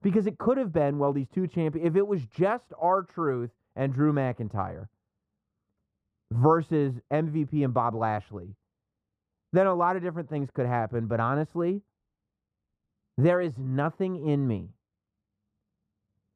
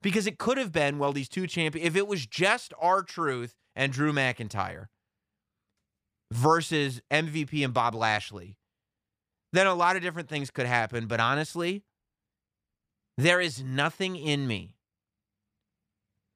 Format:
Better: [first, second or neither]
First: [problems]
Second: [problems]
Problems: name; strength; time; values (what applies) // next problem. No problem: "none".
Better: second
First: muffled; very; fading above 1.5 kHz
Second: none